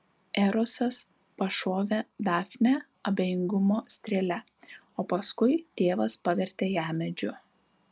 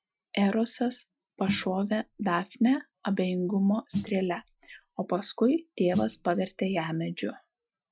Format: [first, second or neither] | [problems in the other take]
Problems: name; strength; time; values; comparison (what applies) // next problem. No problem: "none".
first | noise reduction (classical method Wiener filter)